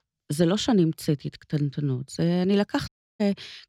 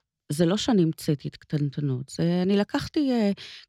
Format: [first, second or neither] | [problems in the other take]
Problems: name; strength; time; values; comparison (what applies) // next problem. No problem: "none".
second | audio cutting out; at 3 s